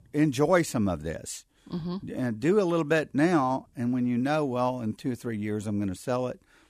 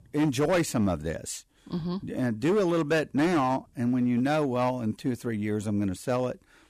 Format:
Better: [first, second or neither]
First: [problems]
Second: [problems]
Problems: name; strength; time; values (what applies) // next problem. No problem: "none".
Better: first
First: none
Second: distortion; slight; 7% of the sound clipped